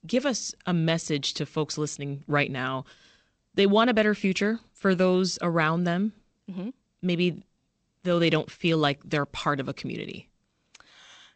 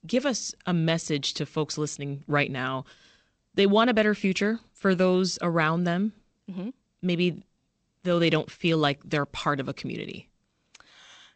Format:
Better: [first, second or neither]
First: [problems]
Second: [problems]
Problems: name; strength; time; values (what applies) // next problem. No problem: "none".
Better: neither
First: garbled, watery; slightly; nothing above 8 kHz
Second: garbled, watery; slightly; nothing above 8 kHz